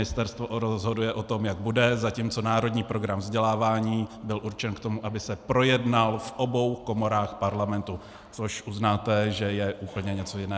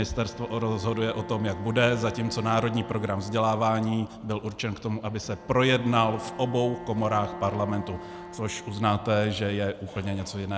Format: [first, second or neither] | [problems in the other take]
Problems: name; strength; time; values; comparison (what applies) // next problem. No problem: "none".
first | background sound (Bowed string instrument); 15 dB below the speech